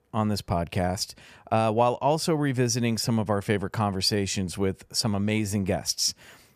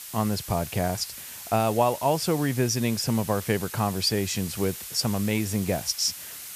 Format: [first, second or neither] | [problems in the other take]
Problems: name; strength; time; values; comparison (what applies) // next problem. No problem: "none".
first | hiss; noticeable; throughout; 10 dB below the speech